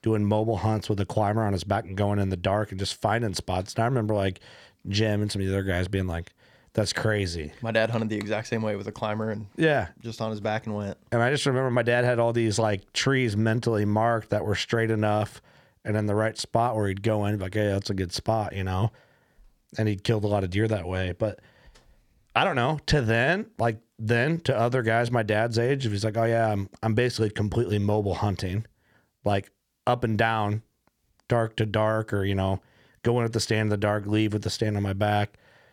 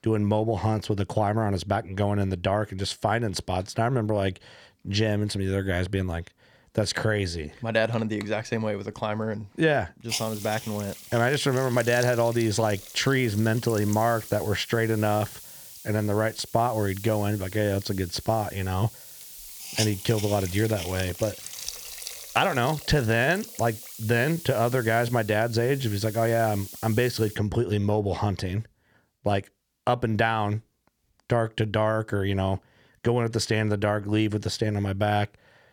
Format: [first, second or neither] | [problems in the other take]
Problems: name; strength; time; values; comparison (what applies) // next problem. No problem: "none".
first | hiss; noticeable; from 10 to 27 s; 10 dB below the speech